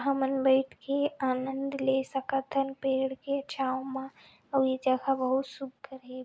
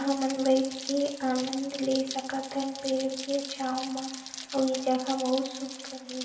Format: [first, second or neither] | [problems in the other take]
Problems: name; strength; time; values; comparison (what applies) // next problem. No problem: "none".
first | background sound (Rain); 11 dB below the speech // room echo; dies away in 2.5 s